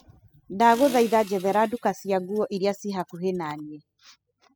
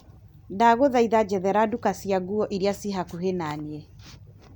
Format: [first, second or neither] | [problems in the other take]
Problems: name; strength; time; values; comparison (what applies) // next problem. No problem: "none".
second | noise reduction (classical method spectral subtraction)